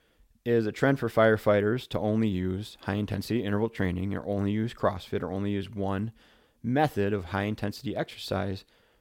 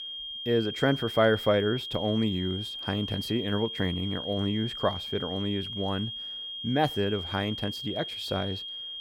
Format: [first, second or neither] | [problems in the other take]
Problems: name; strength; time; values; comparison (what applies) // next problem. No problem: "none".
first | high-pitched whine; loud; throughout; 3 kHz, 5 dB below the speech